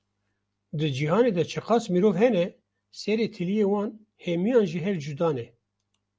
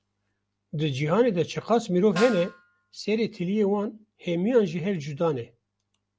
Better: first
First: none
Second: background sound (Snare drum); 14 dB below the speech

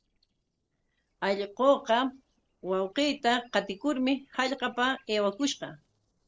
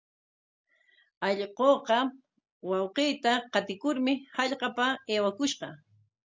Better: second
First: noise reduction (neural separator model SepFormer DNS4)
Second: none

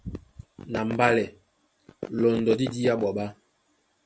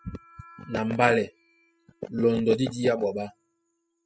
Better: first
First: none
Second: noise reduction (classical method spectral subtraction)

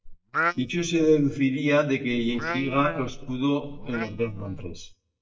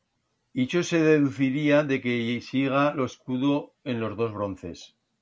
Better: second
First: noise reduction (neural mask model DeepFilterNet 3)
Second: none

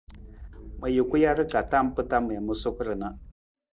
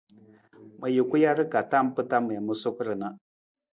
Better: second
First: background sound (Scissors); 15 dB below the speech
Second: none

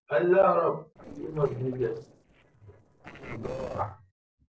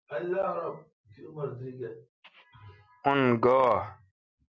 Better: second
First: noise reduction (neural separator model SepFormer DNS4)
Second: none

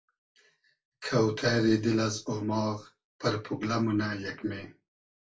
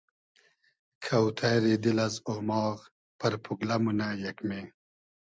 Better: second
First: room echo; dies away in 0.2 s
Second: none

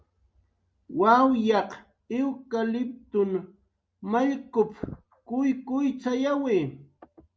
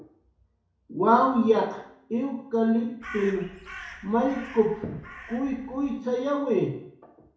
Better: first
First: none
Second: background sound (Crow); 16 dB below the speech // room echo; dies away in 0.6 s

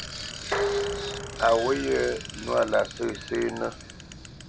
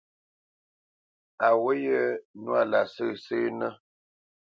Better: second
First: background sound (Bicycle + Dishes, pots, and pans); 5 dB below the speech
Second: none

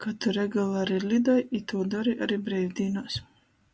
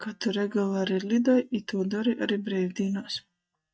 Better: first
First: none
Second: noise reduction (neural mask model DeepFilterNet 3)

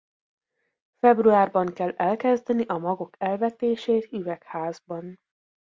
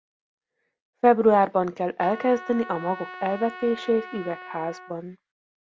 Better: first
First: none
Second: background sound (Trumpet); 15 dB below the speech

